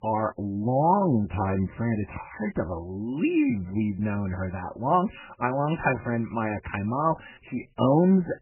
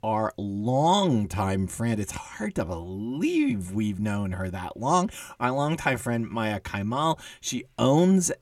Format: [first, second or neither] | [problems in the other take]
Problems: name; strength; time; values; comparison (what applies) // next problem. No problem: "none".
second | garbled, watery; badly; nothing above 2.5 kHz